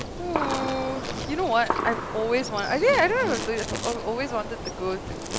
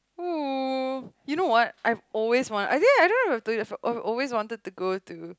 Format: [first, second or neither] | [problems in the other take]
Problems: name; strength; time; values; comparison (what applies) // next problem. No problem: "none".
second | background sound (Insect + Gunshot, gunfire); 5 dB below the speech